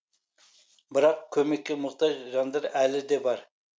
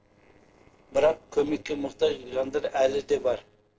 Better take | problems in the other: first | noise reduction (neural separator model SepFormer DNS4)

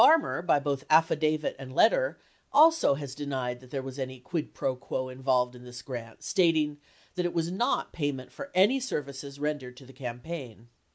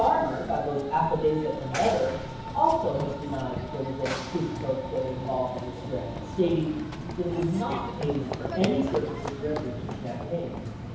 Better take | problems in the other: first | background sound (Run / Train); 7 dB below the speech // room echo; dies away in 1 s

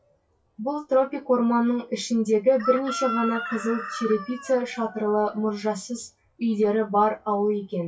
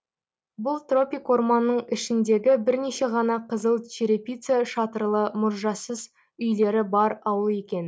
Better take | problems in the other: second | noise reduction (classical method WPE with log-MMSE)

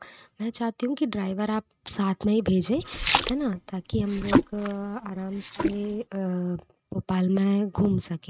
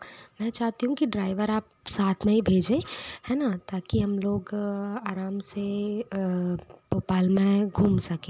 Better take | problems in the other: second | noise reduction (neural mask model RNNoise)

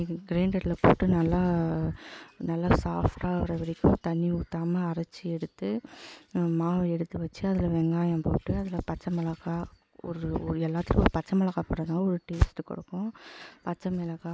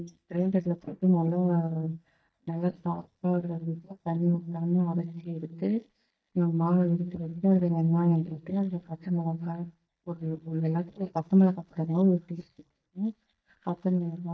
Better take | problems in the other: first | noise reduction (neural mask model DeepFilterNet 3)

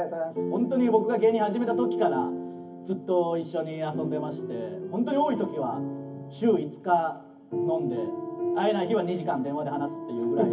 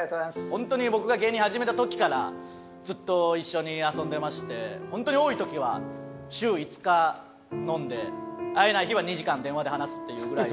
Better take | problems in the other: second | room echo; dies away in 0.3 s

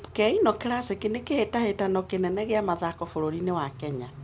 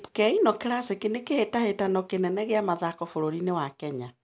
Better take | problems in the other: second | background sound (Idling / Accelerating, revving, vroom / Car); 18 dB below the speech

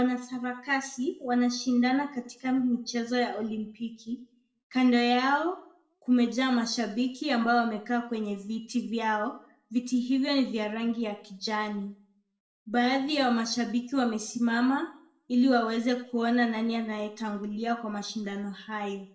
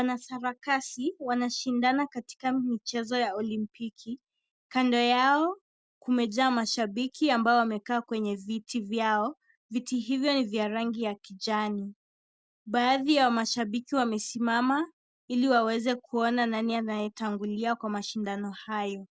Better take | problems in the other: second | room echo; dies away in 0.4 s

